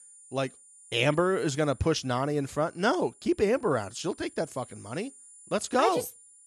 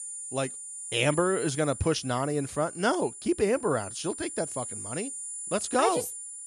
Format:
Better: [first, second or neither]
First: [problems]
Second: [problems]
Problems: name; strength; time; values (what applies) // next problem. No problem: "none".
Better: first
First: high-pitched whine; faint; throughout; 9.5 kHz, 20 dB below the speech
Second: high-pitched whine; loud; throughout; 9.5 kHz, 8 dB below the speech